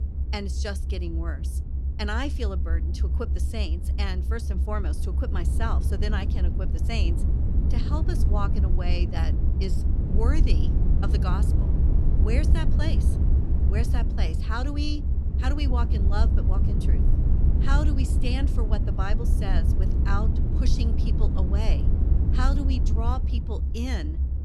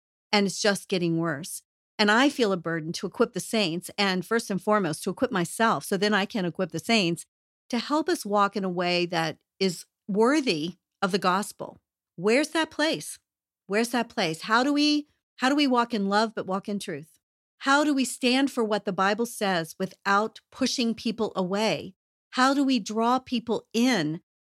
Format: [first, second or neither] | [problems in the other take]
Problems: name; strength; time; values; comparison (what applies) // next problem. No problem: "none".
second | low rumble; loud; throughout; 5 dB below the speech